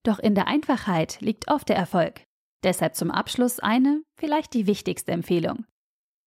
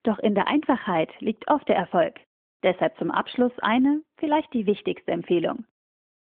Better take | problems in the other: first | phone-call audio

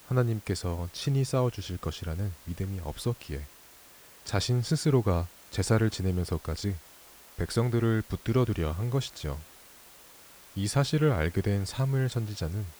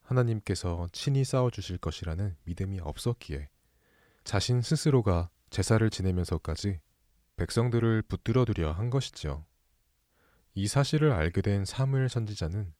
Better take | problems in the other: second | hiss; faint; throughout; 20 dB below the speech

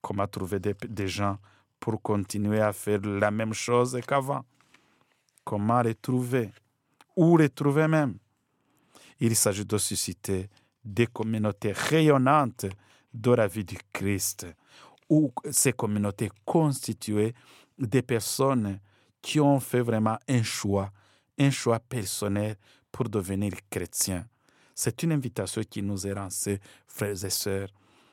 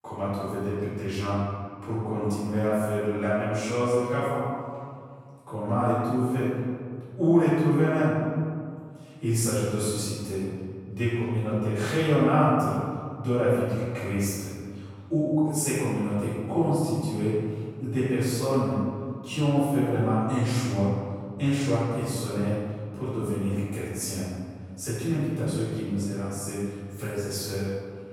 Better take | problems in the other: first | room echo; strong; dies away in 2 s // off-mic speech; far

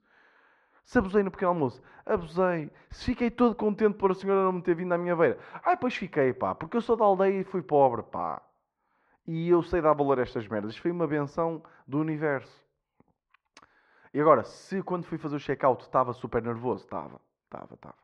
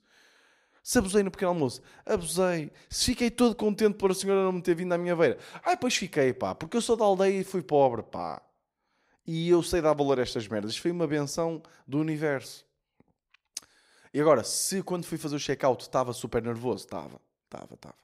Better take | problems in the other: second | muffled; very; fading above 2 kHz

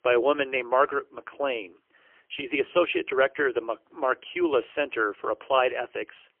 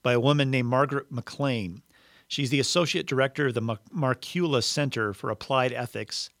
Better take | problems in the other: second | phone-call audio; poor line; nothing above 3 kHz

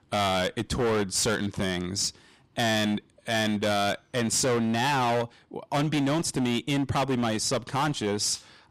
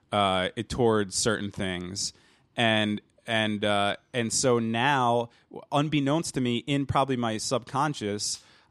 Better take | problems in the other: second | distortion; heavy; 19% of the sound clipped

